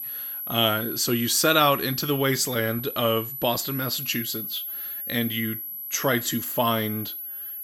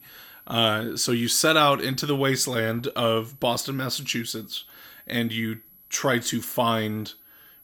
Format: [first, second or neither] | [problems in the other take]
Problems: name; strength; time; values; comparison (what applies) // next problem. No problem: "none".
second | high-pitched whine; loud; throughout; 12 kHz, 6 dB below the speech; faint in the second